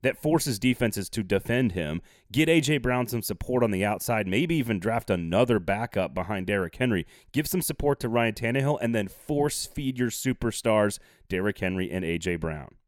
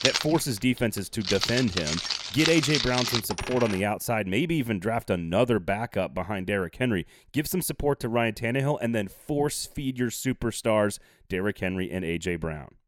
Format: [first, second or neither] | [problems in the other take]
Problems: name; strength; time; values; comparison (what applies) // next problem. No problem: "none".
first | household noises; loud; until 4 s; 1 dB below the speech